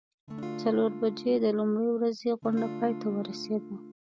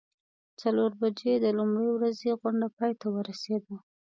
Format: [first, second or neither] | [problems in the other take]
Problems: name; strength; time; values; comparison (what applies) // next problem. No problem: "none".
second | background sound (Acoustic guitar / Strum); 9 dB below the speech